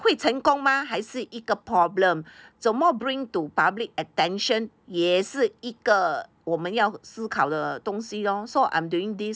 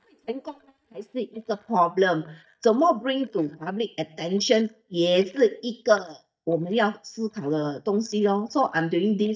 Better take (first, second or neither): first